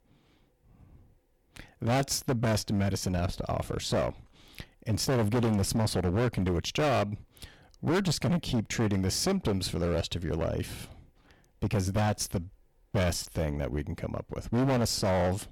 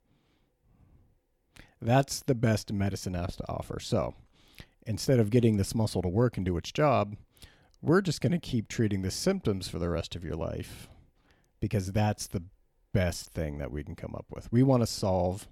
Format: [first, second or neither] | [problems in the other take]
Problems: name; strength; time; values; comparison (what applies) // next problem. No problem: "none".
second | distortion; heavy; 14% of the sound clipped